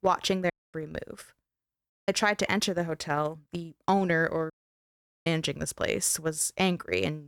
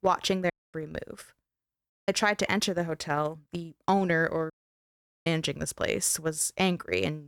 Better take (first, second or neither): neither